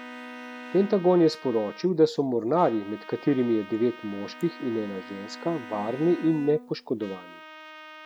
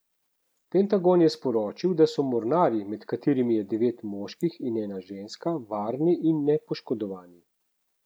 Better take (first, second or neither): second